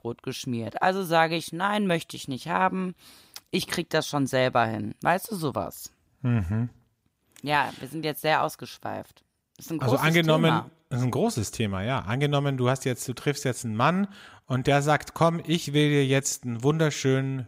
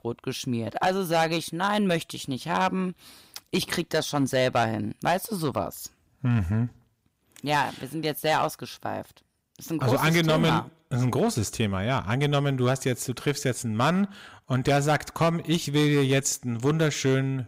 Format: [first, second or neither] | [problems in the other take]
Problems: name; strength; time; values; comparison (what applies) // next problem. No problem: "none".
first | distortion; slight; 4% of the sound clipped